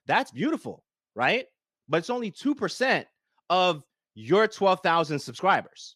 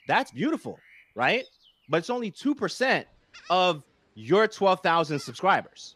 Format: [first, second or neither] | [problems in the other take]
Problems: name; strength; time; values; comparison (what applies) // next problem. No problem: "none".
first | animal sounds; faint; throughout; 30 dB below the speech